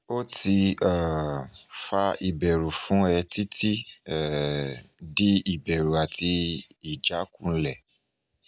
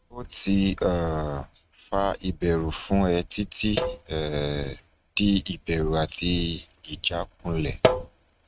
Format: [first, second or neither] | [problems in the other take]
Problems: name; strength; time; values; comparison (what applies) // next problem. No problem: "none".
first | noise reduction (neural mask model RNNoise)